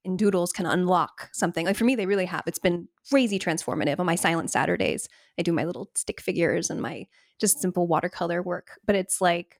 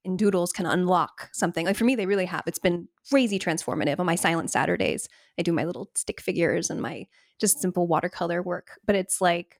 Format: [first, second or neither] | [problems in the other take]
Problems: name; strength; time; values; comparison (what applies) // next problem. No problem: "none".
neither | none